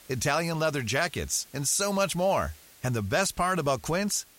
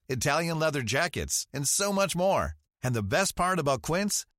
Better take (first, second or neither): second